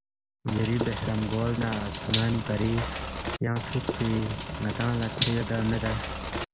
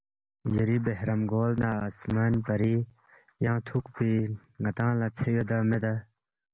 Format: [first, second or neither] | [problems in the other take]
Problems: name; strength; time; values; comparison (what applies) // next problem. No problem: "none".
second | background sound (Bathtub (filling or washing)); 4 dB below the speech